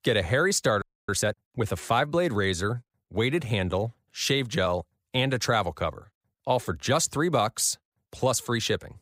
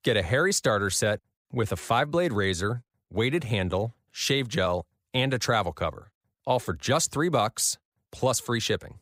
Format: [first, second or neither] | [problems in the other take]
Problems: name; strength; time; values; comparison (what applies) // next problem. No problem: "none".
second | audio freezing; at 1 s